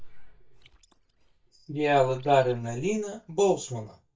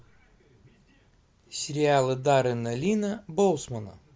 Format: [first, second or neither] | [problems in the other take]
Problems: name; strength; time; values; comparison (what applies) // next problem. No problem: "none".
second | noise reduction (neural mask model DeepFilterNet 3)